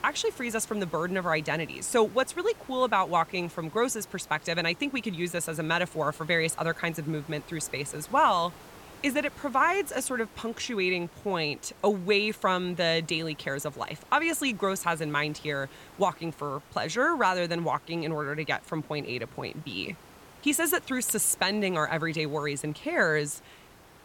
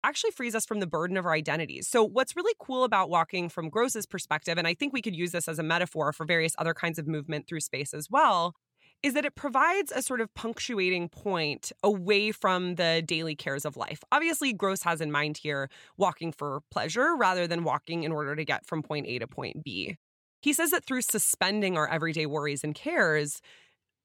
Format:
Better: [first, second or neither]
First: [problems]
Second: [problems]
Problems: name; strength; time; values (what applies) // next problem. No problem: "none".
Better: second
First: hiss; faint; throughout; 20 dB below the speech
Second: none